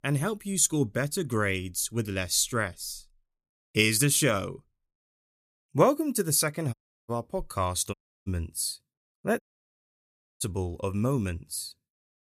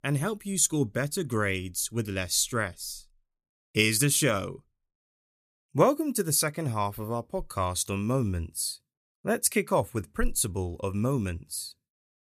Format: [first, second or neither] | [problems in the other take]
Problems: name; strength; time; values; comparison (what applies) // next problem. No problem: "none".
second | audio cutting out; at 6.5 s, at 8 s and at 9.5 s for 1 s